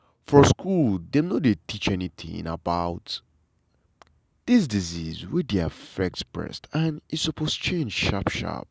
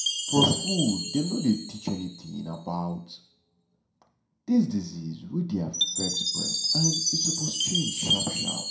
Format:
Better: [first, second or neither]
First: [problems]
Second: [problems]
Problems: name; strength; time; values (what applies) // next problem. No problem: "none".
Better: first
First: none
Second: background sound (Chime); 1 dB below the speech // room echo; dies away in 0.5 s